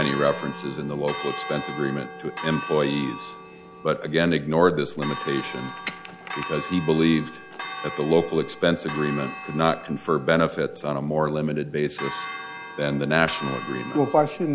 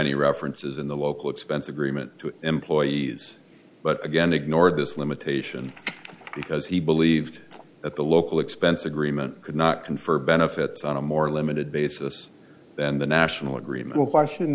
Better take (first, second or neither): second